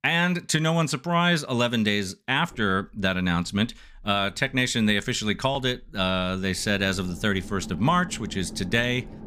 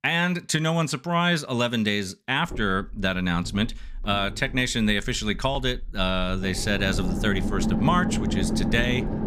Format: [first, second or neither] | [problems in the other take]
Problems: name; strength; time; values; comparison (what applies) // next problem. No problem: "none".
first | low rumble; loud; from 2.5 s on; 9 dB below the speech; faint in the first